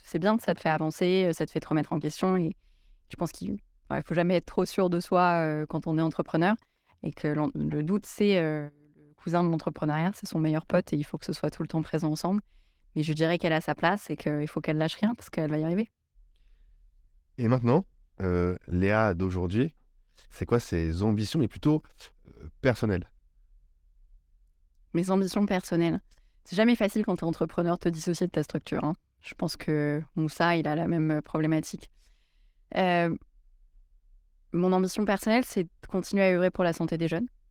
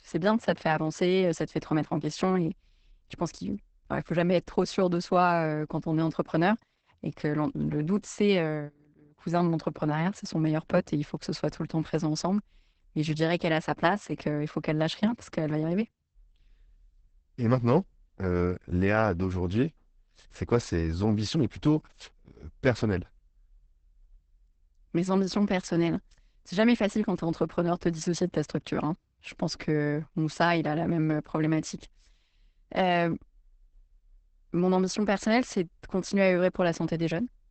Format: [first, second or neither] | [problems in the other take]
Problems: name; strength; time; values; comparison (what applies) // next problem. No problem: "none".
first | garbled, watery; badly; nothing above 8 kHz; slightly in the first